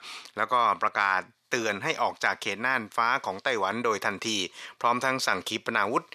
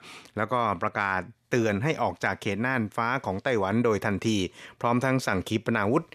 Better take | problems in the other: second | thin; somewhat; fading below 850 Hz

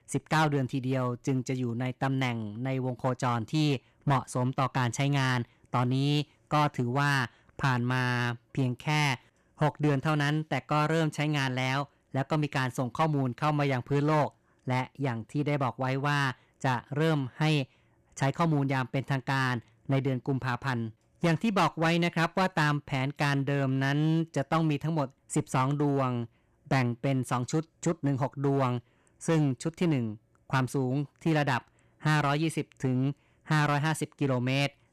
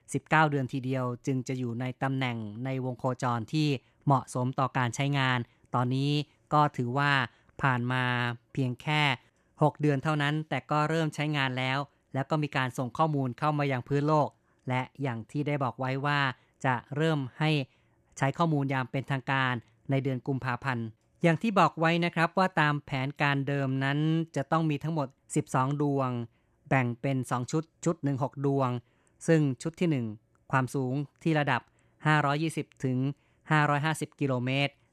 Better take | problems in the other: second | distortion; slight; 5% of the sound clipped

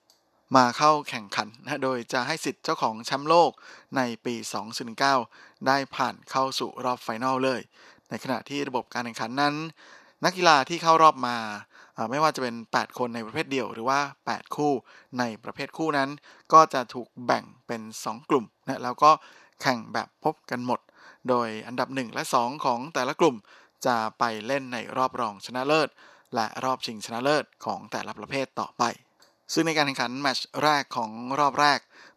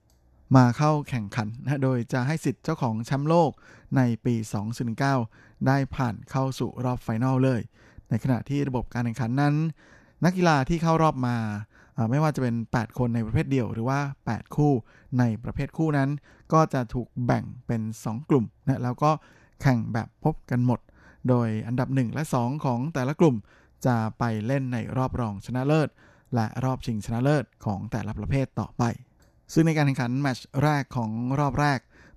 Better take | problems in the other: second | thin; somewhat; fading below 400 Hz

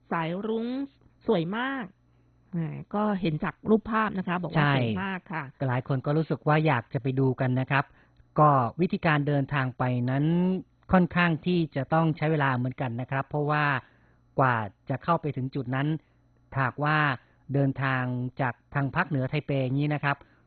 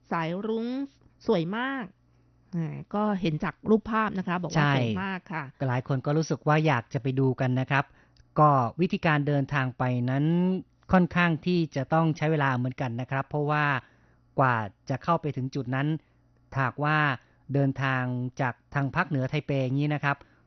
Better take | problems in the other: second | garbled, watery; badly; nothing above 4 kHz; slightly in the second

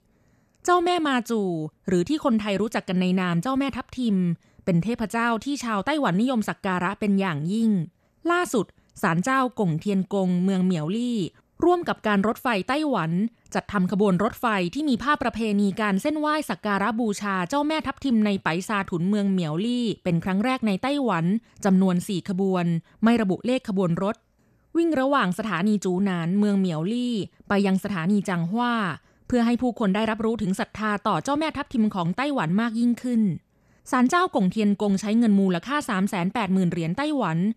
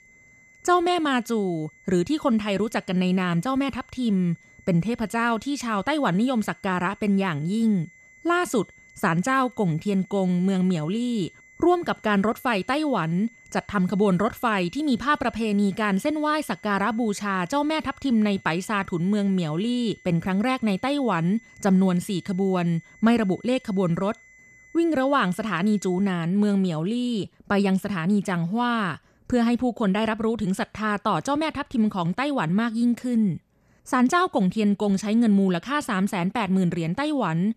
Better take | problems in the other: first | high-pitched whine; faint; until 26 s; 2 kHz, 25 dB below the speech

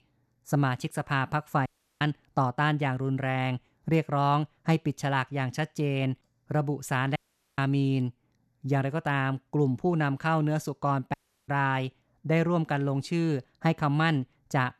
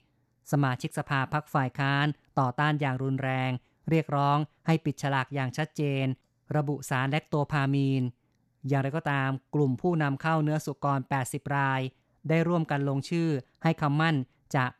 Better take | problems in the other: second | audio cutting out; at 1.5 s, at 7 s and at 11 s

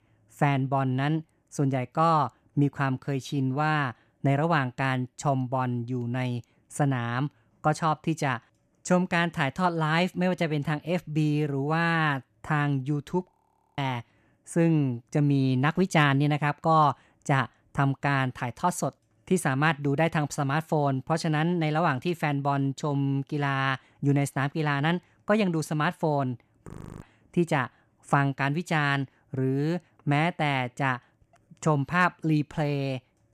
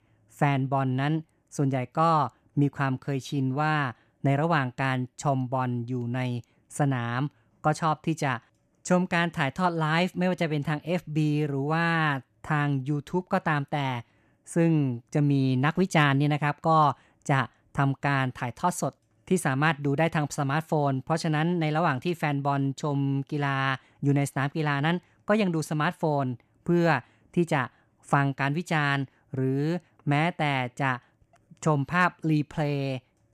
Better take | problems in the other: second | audio freezing; at 13 s and at 27 s

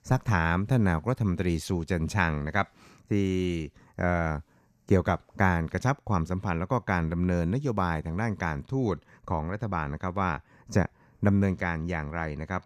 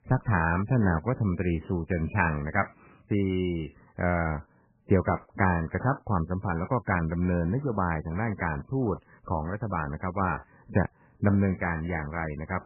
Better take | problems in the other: first | garbled, watery; badly; nothing above 2.5 kHz

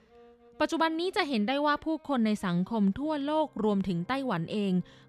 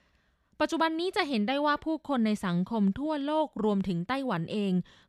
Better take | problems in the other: second | background music; faint; throughout; 30 dB below the speech

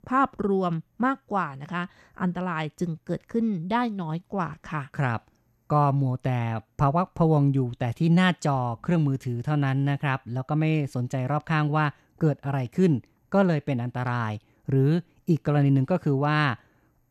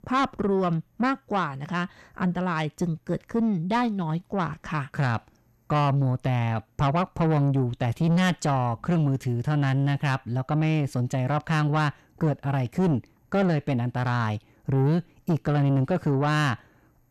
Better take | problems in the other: first | distortion; slight; 10 dB below the speech

